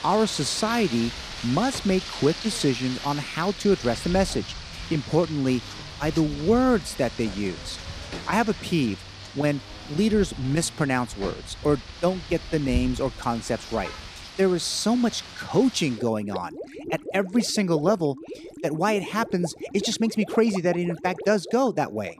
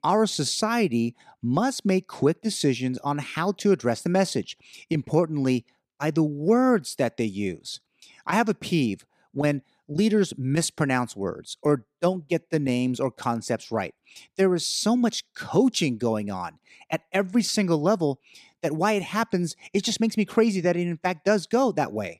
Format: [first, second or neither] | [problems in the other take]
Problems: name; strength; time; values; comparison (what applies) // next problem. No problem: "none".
second | rain or running water; noticeable; throughout; 10 dB below the speech